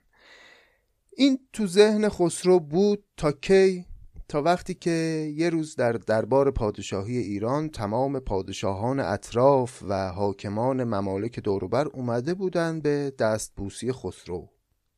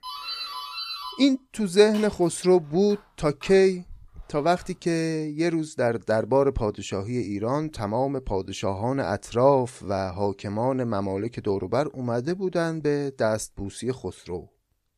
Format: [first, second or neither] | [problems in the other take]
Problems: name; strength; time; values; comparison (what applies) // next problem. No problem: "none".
first | doorbell; noticeable; until 4.5 s; peak 6 dB below the speech